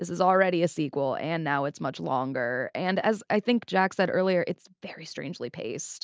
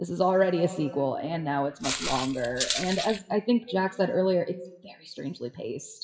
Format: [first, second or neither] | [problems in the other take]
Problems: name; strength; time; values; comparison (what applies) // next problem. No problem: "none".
first | noise reduction (classical method WPE with log-MMSE)